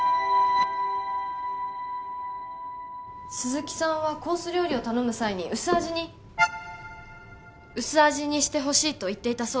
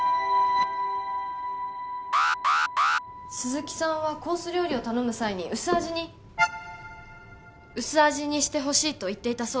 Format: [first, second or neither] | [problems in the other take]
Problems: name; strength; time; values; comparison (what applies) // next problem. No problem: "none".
first | background sound (Alarm); 2 dB above the speech